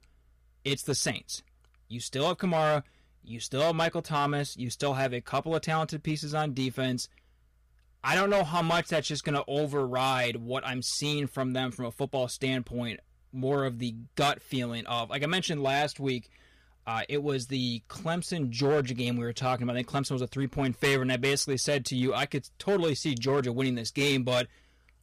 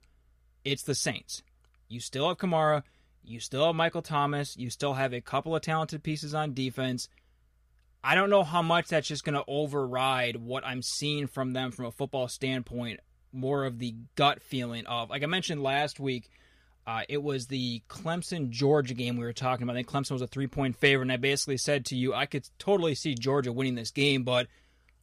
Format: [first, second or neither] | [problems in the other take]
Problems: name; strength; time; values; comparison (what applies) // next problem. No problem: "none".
second | distortion; slight; 5% of the sound clipped